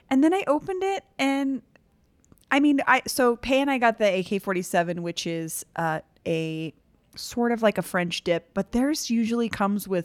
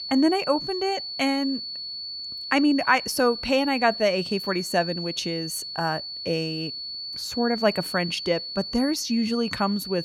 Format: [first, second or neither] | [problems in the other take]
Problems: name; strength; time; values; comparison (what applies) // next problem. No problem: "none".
first | high-pitched whine; loud; throughout; 4.5 kHz, 7 dB below the speech